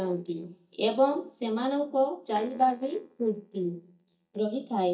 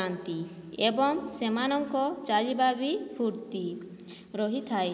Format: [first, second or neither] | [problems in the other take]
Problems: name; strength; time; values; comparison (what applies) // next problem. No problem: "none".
second | noise reduction (neural mask model DeepFilterNet 3)